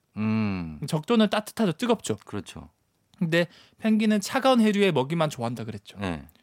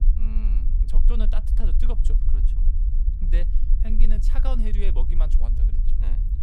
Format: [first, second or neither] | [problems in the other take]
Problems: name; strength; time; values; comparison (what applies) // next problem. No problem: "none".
first | low rumble; loud; throughout; 6 dB below the speech